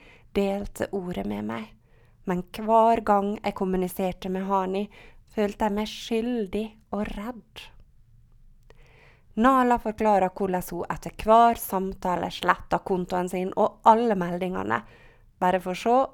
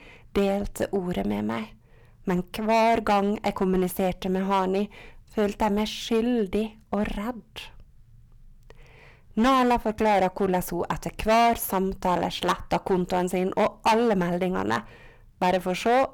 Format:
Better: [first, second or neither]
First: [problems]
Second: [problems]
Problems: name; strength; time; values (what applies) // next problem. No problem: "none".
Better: first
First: none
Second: distortion; heavy; 7% of the sound clipped